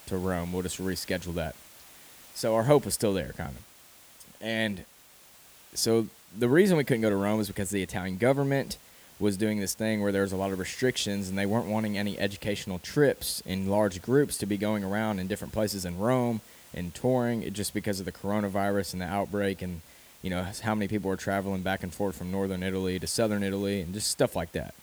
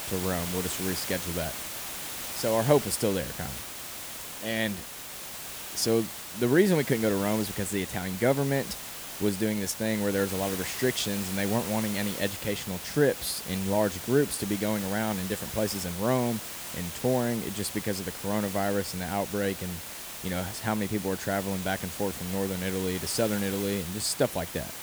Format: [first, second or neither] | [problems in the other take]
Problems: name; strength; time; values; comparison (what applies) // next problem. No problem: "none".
first | hiss; loud; throughout; 6 dB below the speech; faint in the first